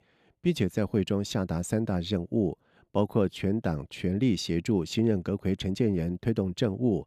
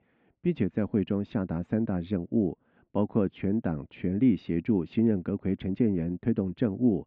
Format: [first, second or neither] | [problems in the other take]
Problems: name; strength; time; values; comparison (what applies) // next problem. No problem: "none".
first | muffled; very; fading above 2.5 kHz